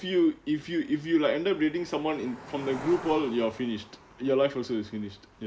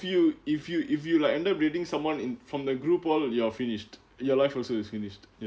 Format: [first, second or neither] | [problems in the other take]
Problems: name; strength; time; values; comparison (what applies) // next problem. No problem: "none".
second | background sound (Cricket); 18 dB below the speech